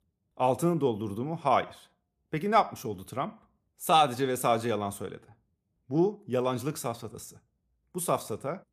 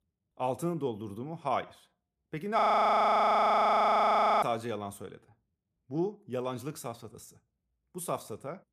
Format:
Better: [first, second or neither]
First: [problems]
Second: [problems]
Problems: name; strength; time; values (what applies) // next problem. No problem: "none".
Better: first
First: none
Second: audio freezing; at 2.5 s for 2 s